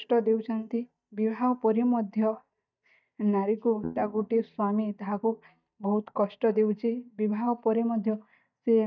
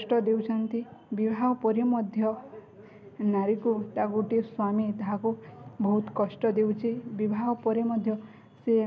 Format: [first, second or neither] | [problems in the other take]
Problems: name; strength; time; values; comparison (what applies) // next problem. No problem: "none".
second | noise reduction (neural mask model DeepFilterNet 3)